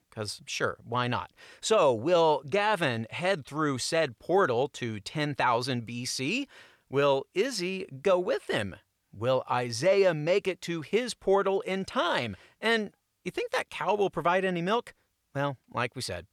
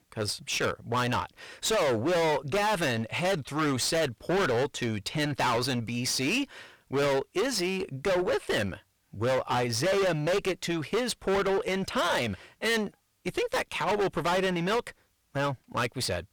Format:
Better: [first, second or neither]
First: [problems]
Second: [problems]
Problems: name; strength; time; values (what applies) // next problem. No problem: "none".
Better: first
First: none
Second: distortion; heavy; 23% of the sound clipped